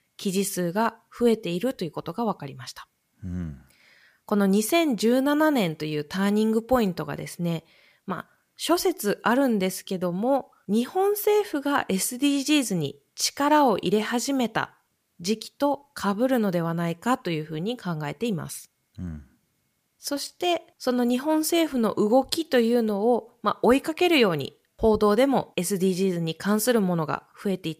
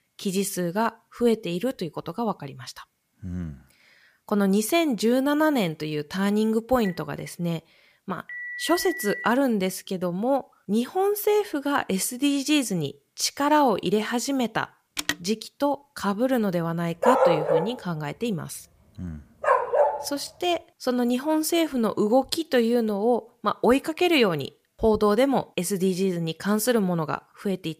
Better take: first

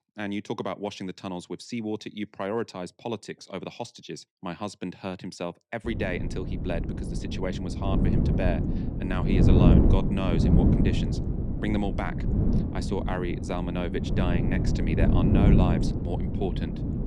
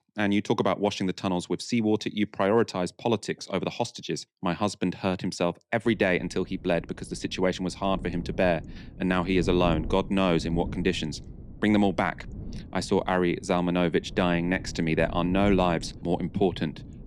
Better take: second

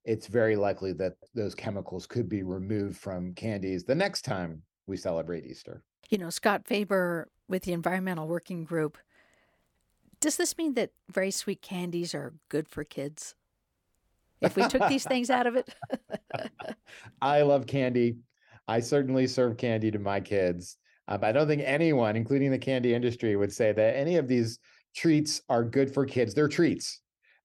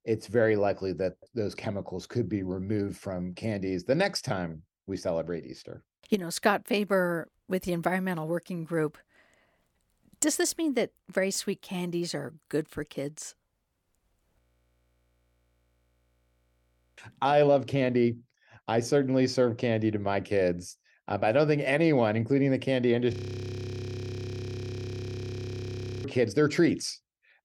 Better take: first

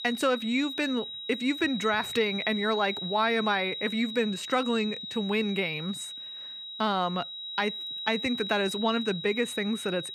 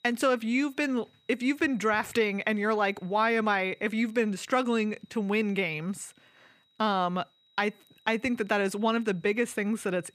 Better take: second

